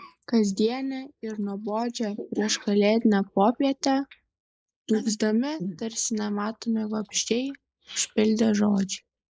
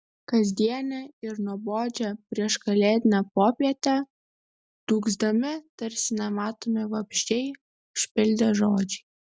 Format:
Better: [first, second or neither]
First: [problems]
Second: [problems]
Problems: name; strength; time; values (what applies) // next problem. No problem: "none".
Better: second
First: noise reduction (neural mask model Resemble Enhance denoiser)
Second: none